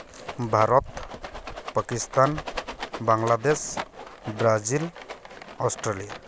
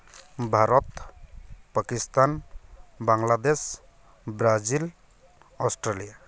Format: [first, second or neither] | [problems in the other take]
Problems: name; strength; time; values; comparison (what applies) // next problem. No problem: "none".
second | background sound (Rattle); 12 dB below the speech